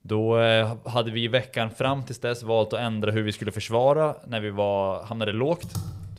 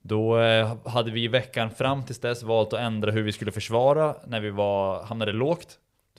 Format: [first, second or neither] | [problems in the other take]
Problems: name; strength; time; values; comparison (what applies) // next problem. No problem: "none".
second | keyboard typing; noticeable; at 5.5 s; peak 9 dB below the speech